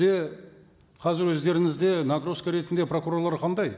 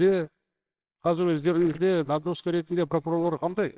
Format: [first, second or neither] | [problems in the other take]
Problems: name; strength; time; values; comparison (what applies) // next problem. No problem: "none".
first | noise reduction (neural separator model SepFormer WHAMR!)